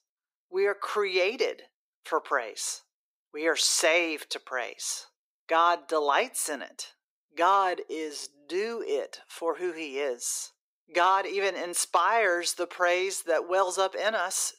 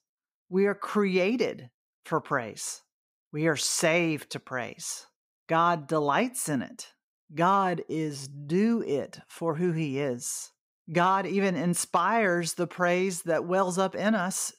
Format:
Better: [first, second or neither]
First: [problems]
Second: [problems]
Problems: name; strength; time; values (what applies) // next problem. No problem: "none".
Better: second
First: thin; very; fading below 350 Hz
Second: none